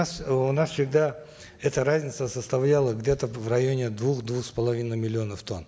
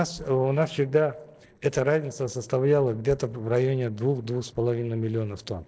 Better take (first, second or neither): first